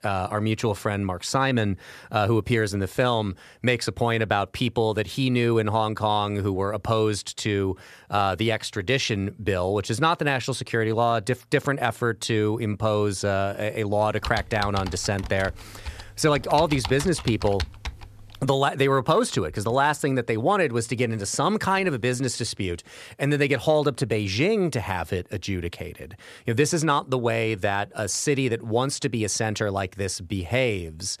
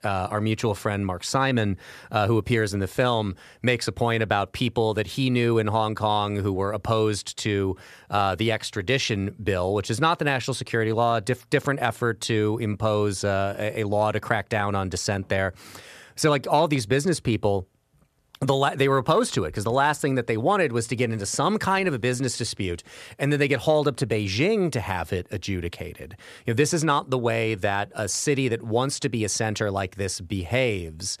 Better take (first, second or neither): second